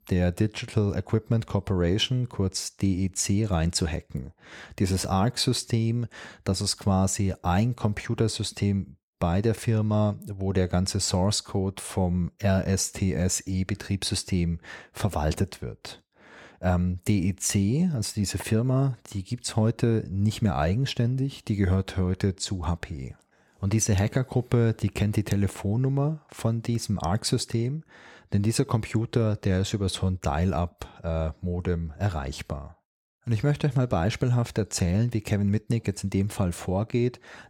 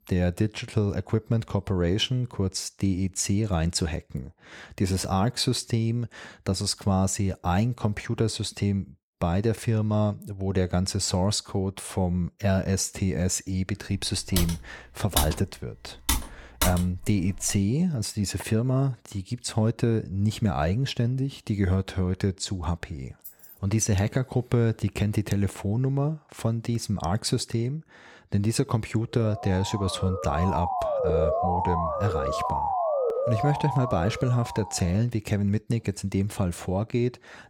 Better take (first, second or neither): first